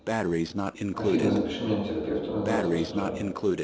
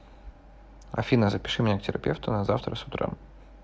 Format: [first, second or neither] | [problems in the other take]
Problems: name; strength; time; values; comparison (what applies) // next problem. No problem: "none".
second | background sound (Breathing); as loud as the speech // room echo; dies away in 1.1 s